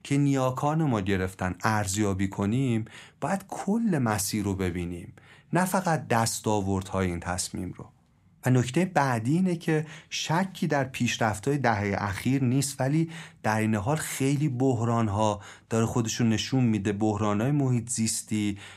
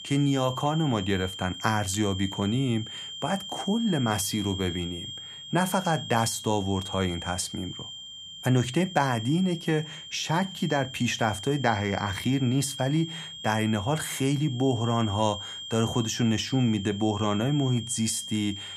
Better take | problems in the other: first | high-pitched whine; loud; throughout; 3 kHz, 10 dB below the speech

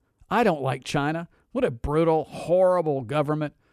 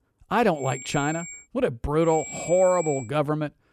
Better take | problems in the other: first | high-pitched whine; noticeable; at 0.5 s and at 2 s; 7.5 kHz, 10 dB below the speech

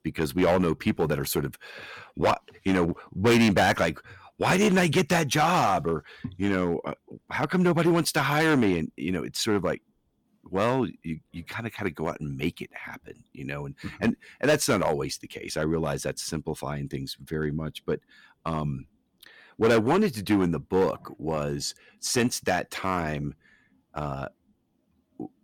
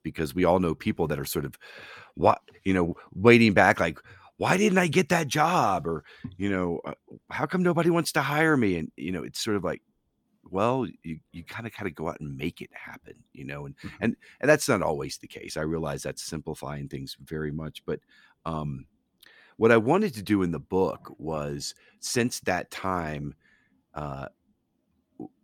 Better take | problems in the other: second | distortion; heavy; 4% of the sound clipped

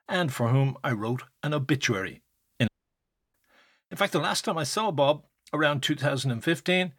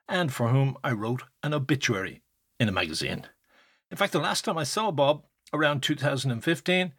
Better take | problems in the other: second | audio cutting out; at 2.5 s for 0.5 s

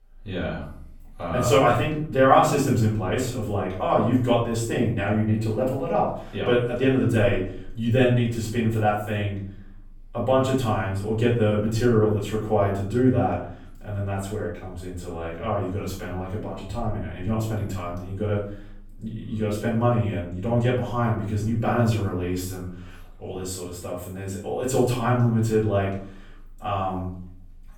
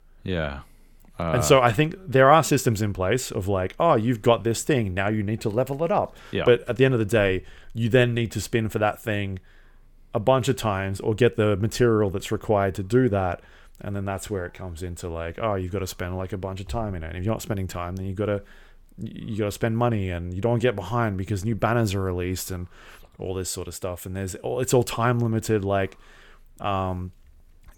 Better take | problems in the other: second | off-mic speech; far // room echo; noticeable; dies away in 0.5 s

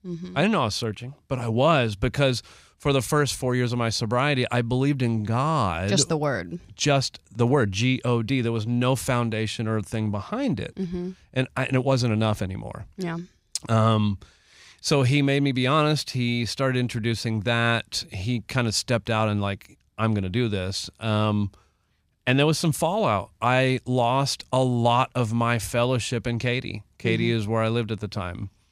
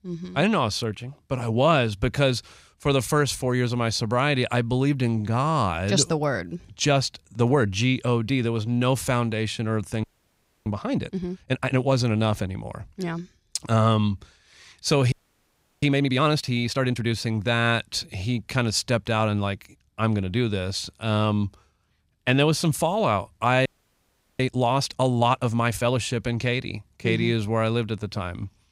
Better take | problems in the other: first | audio freezing; at 10 s for 0.5 s, at 15 s for 0.5 s and at 24 s for 0.5 s

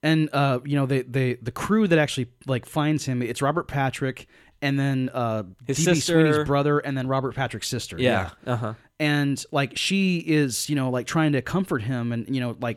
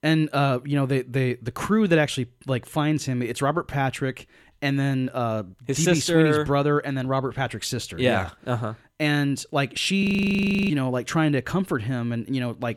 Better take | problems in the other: first | audio freezing; at 10 s for 0.5 s

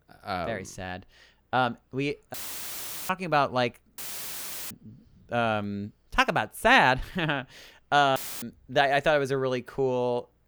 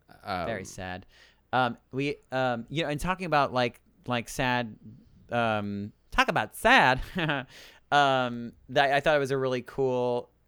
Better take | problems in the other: second | audio cutting out; filled with static; at 2.5 s for 1 s, at 4 s for 0.5 s and at 8 s

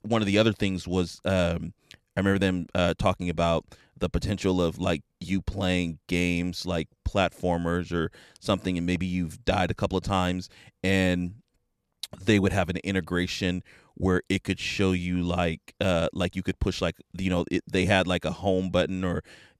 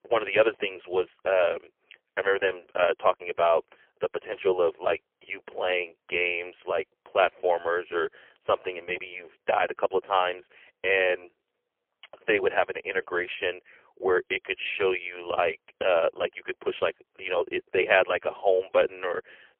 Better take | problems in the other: first | phone-call audio; poor line; nothing above 3 kHz

